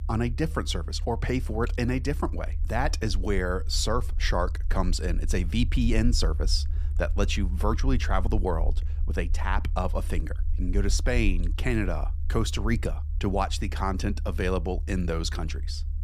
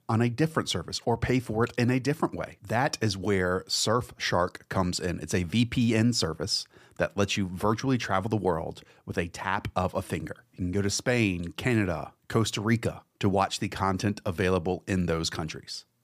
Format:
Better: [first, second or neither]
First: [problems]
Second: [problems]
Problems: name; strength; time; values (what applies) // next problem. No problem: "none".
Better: second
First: low rumble; faint; throughout; 20 dB below the speech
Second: none